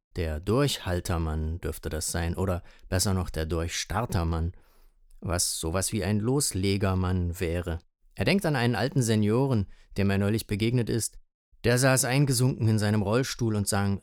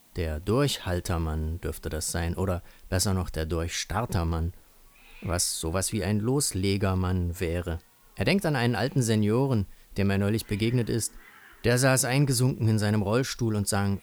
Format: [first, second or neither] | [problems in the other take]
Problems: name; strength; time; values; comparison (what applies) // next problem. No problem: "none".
first | hiss; faint; throughout; 30 dB below the speech